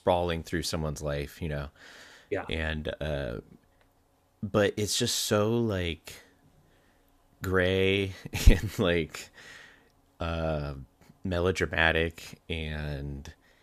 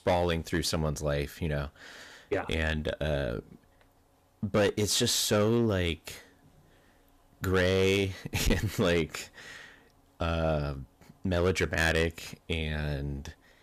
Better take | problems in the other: first | distortion; heavy; 5% of the sound clipped

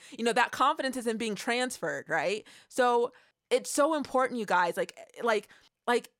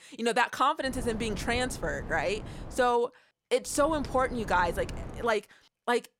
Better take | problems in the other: first | wind noise on the microphone; occasional gusts; from 1 to 3 s and from 3.5 to 5 s; 20 dB below the speech

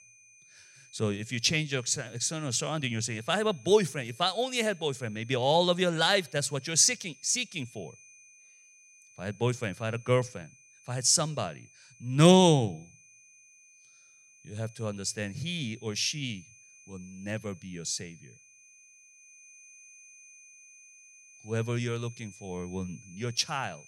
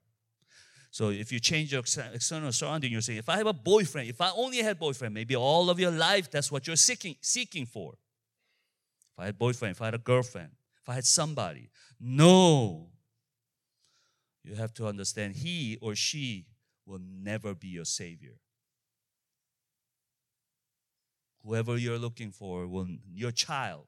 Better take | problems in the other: second | high-pitched whine; faint; throughout; 2.5 kHz, 25 dB below the speech

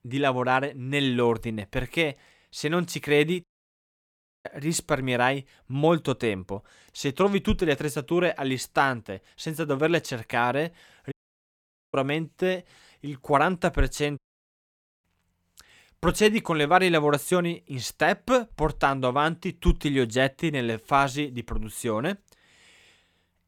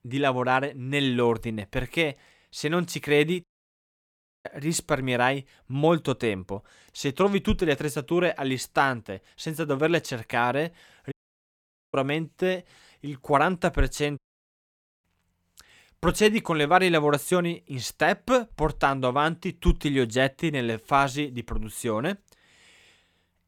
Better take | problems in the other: neither | audio cutting out; at 3.5 s for 1 s, at 11 s for 1 s and at 14 s for 1 s; the same in both

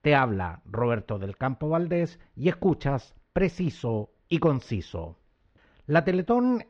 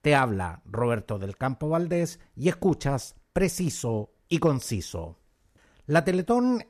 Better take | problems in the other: second | muffled; slightly; fading above 4 kHz

